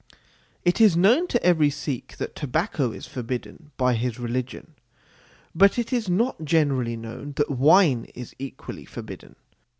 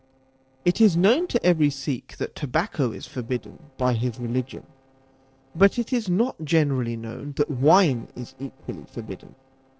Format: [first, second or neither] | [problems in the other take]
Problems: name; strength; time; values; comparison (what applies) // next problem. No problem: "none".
first | noise reduction (neural separator model SepFormer DNS4)